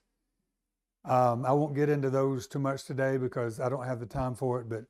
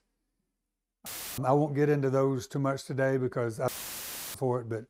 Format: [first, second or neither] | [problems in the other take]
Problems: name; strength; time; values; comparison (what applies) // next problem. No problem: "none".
first | audio cutting out; filled with static; at 1 s and at 3.5 s for 0.5 s